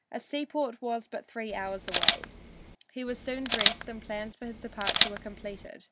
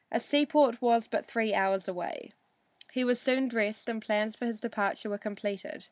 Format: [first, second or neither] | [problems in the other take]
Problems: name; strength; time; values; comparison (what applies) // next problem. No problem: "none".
second | background sound (Camera); 4 dB above the speech